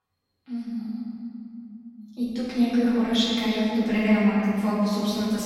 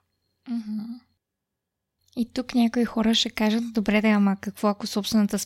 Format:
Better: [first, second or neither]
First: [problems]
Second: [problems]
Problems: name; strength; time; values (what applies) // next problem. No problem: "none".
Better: second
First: off-mic speech; far // room echo; strong; dies away in 2.6 s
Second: none